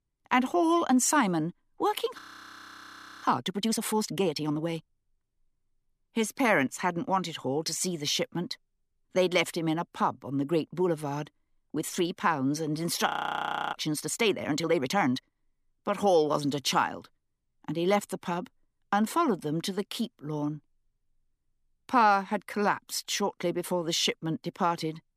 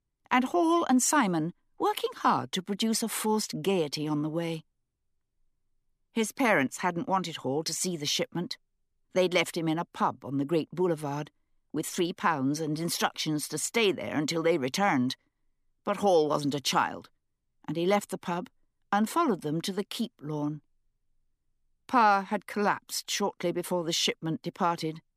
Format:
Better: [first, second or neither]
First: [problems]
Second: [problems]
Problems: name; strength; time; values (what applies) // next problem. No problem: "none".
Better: second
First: audio freezing; at 2 s for 1 s and at 13 s for 0.5 s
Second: none